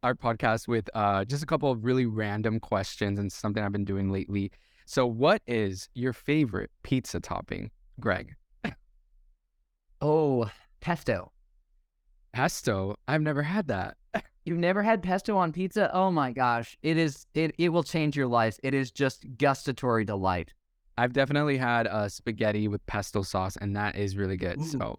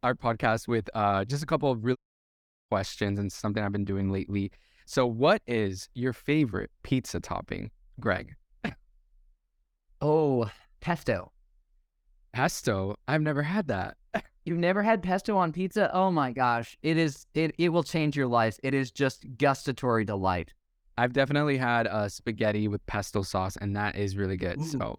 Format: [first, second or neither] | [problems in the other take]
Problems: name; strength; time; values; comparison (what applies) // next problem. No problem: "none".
first | audio cutting out; at 2 s for 0.5 s